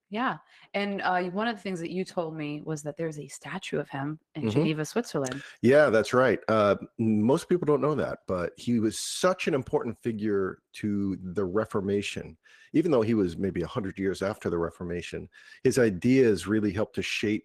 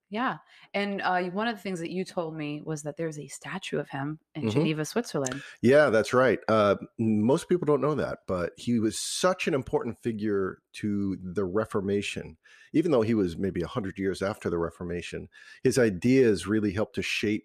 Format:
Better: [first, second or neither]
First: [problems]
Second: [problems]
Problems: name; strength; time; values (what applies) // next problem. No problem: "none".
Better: second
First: garbled, watery; slightly; nothing above 14.5 kHz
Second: none